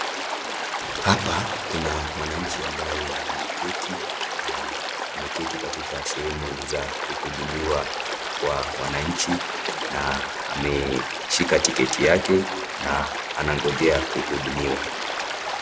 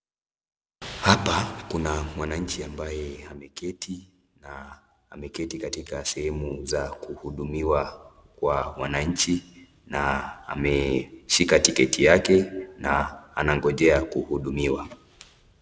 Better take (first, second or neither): second